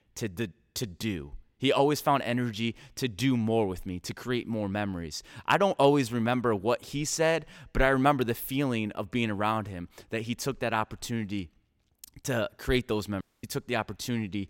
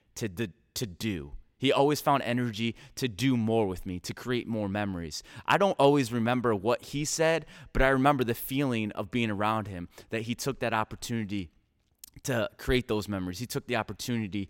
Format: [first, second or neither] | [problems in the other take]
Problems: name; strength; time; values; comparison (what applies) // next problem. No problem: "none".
second | audio cutting out; at 13 s